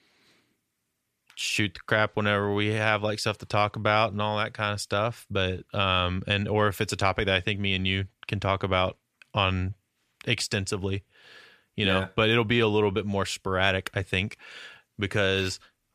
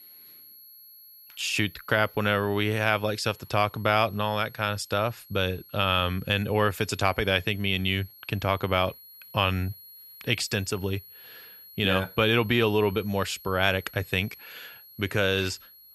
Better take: first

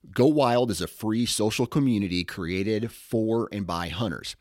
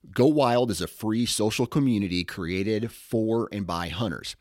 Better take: neither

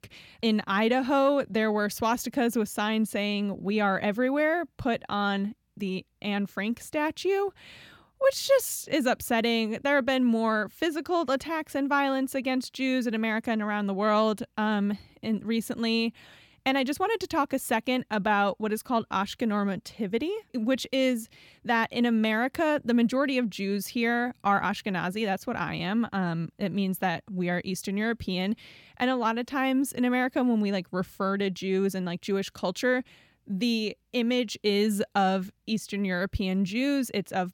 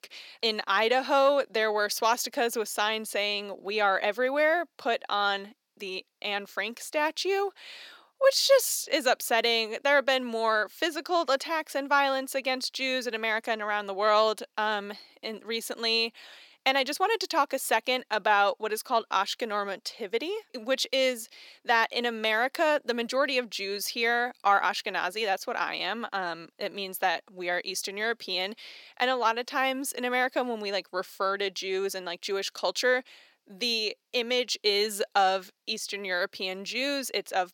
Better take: first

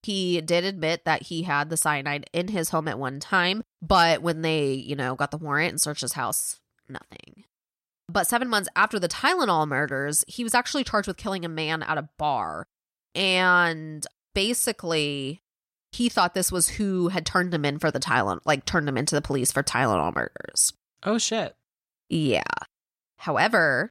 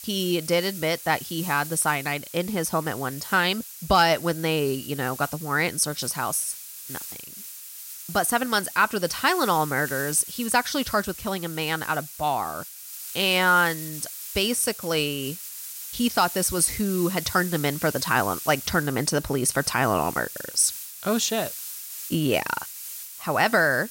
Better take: first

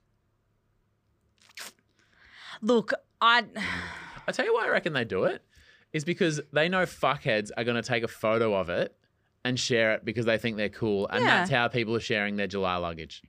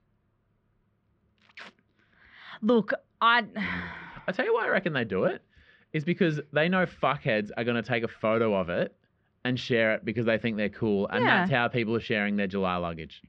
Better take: first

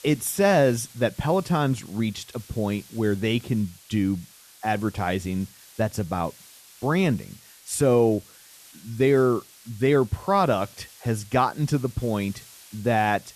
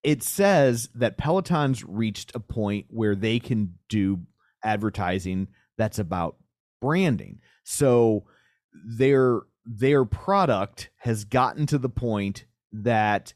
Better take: second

